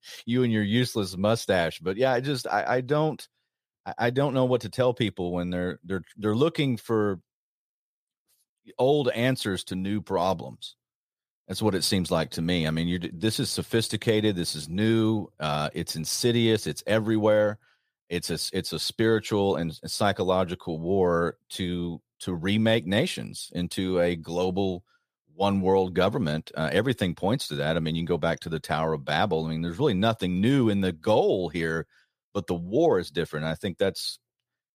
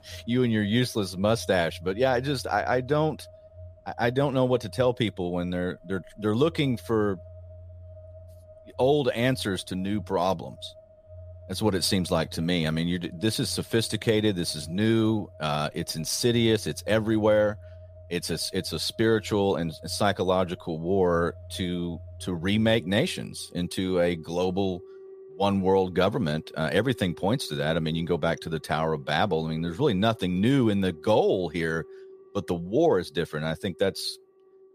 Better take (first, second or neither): first